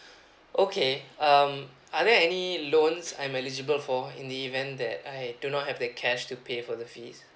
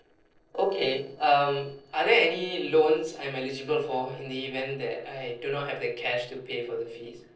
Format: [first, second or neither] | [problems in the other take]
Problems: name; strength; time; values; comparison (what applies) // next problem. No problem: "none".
first | noise reduction (neural separator model SepFormer DNS4)